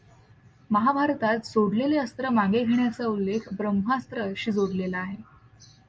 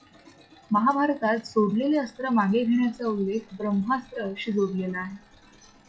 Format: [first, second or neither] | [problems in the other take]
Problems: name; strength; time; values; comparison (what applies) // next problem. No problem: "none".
first | noise reduction (classical method log-MMSE)